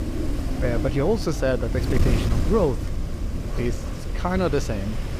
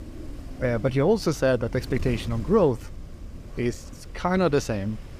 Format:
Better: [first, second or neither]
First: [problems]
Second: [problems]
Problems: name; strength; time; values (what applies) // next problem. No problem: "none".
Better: second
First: wind noise on the microphone; heavy; 8 dB below the speech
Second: wind noise on the microphone; occasional gusts; 20 dB below the speech